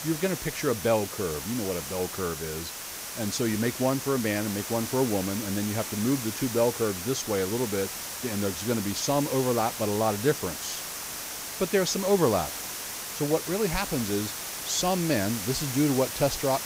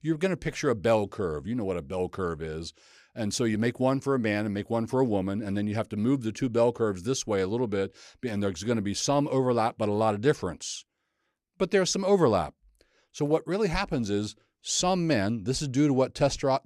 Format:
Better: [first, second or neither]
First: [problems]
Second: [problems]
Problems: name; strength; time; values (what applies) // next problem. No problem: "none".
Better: second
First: hiss; loud; throughout; 5 dB below the speech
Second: none